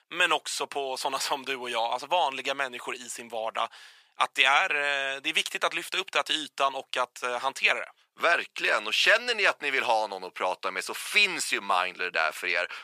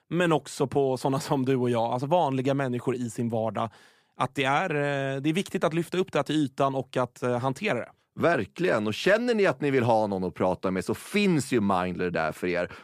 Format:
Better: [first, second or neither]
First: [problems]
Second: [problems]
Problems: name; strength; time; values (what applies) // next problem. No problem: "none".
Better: second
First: thin; very; fading below 950 Hz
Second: none